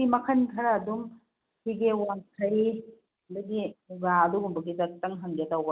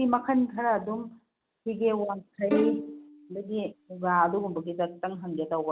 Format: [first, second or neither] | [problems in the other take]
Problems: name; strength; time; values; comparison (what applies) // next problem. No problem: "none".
first | background sound (Bowed string instrument); 6 dB below the speech